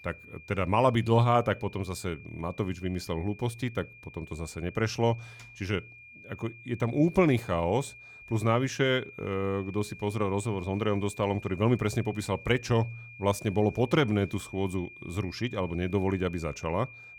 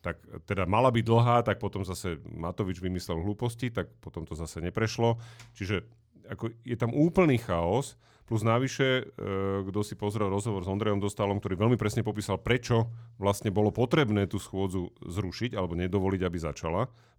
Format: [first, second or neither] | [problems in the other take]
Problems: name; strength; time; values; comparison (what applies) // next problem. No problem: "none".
second | high-pitched whine; noticeable; throughout; 2.5 kHz, 20 dB below the speech